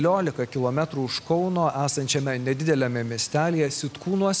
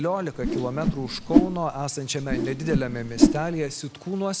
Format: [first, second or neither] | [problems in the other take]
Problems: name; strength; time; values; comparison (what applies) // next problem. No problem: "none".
first | background sound (Whoosh, swoosh, swish); 4 dB above the speech